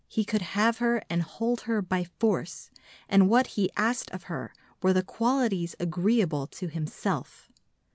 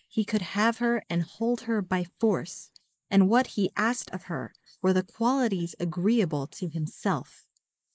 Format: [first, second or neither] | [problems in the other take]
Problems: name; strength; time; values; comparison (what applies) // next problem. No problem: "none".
first | noise reduction (neural mask model Resemble Enhance denoiser)